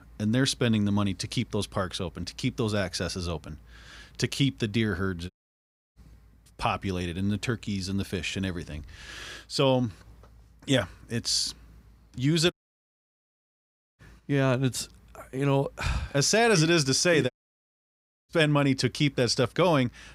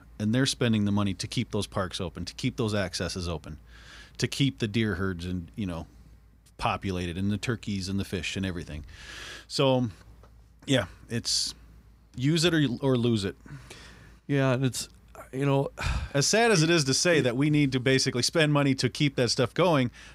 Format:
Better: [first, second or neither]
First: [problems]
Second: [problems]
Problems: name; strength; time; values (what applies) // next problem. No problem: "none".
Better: second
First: audio cutting out; at 5.5 s for 0.5 s, at 13 s for 1.5 s and at 17 s for 1 s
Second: none